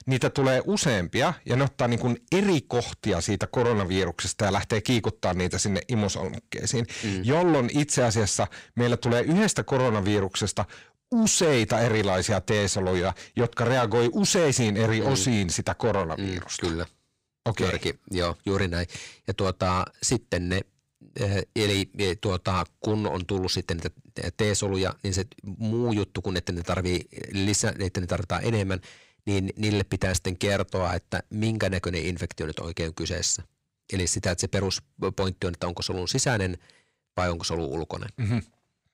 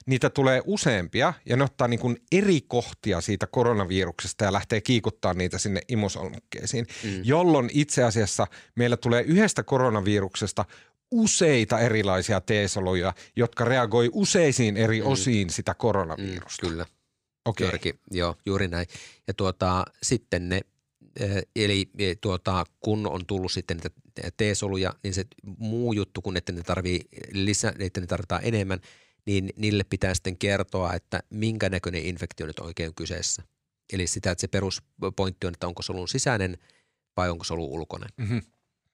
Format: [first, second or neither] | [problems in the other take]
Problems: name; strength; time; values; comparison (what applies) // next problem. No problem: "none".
second | distortion; slight; 10 dB below the speech